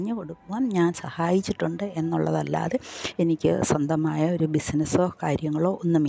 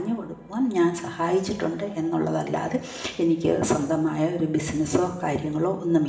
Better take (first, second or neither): first